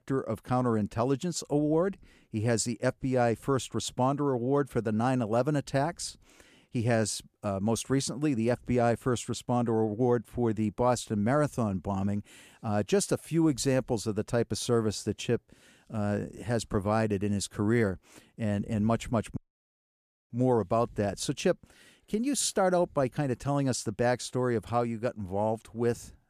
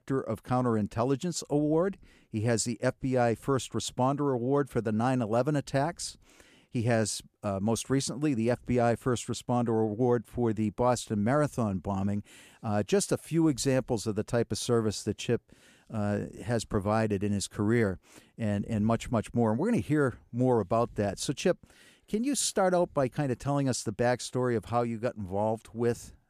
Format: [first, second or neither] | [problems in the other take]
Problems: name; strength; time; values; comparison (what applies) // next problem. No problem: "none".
second | audio cutting out; at 19 s for 1 s